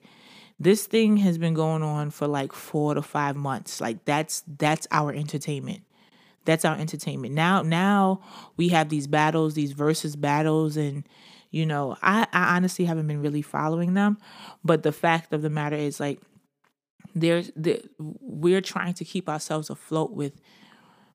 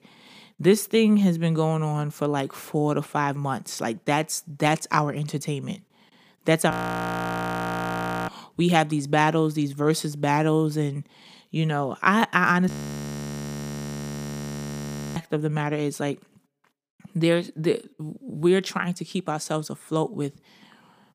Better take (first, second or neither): first